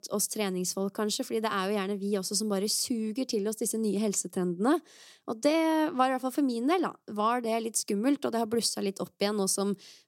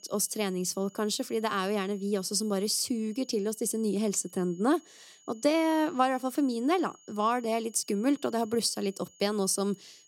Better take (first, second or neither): first